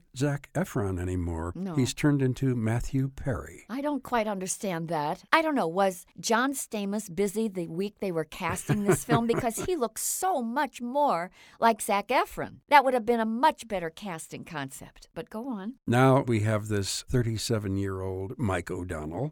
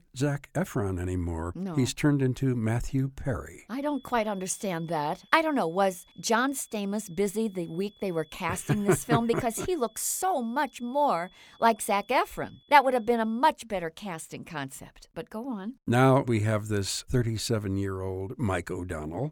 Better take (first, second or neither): first